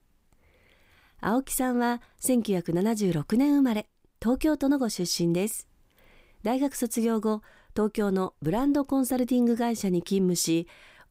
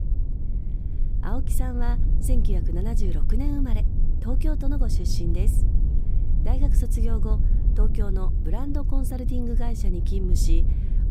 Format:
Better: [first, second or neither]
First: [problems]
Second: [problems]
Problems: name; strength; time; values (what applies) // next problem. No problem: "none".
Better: first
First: none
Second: low rumble; loud; throughout; 6 dB below the speech